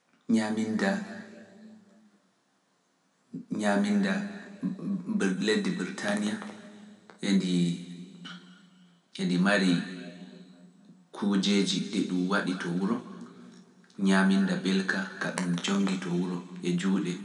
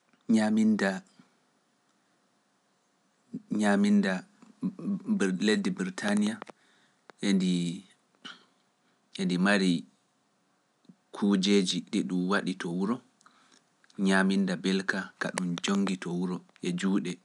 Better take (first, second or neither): second